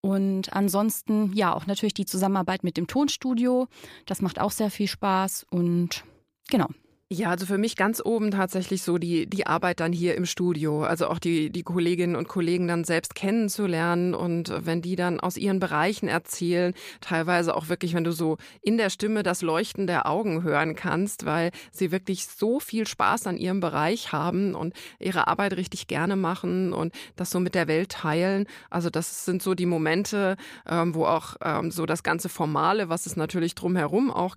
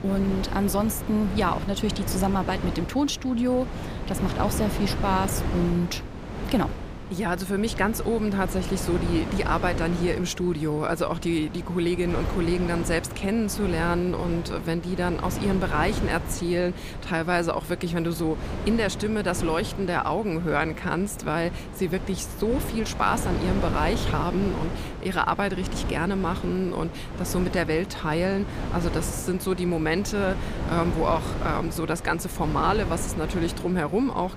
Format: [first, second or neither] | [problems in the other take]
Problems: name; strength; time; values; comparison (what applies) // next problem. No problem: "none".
first | wind noise on the microphone; heavy; 9 dB below the speech